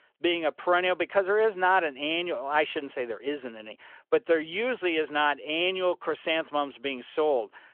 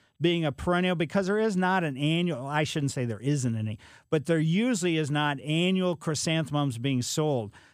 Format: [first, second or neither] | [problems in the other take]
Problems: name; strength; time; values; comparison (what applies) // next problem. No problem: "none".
second | phone-call audio; nothing above 3.5 kHz